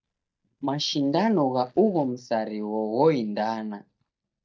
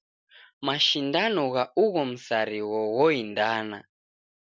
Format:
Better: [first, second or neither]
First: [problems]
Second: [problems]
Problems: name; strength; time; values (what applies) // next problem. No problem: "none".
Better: second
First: noise reduction (neural mask model DeepFilterNet 3)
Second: none